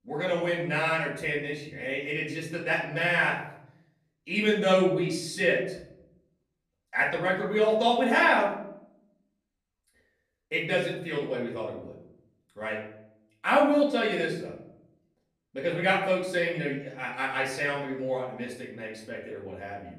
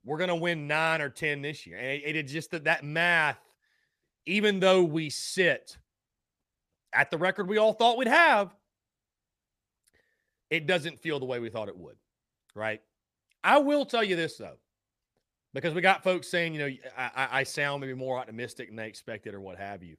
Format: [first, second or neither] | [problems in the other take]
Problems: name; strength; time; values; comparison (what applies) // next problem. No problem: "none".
second | off-mic speech; far // room echo; noticeable; dies away in 0.7 s